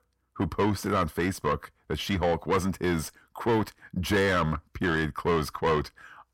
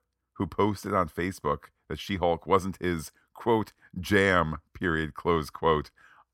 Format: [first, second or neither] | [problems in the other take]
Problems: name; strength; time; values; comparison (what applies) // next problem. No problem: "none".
second | distortion; heavy; 7 dB below the speech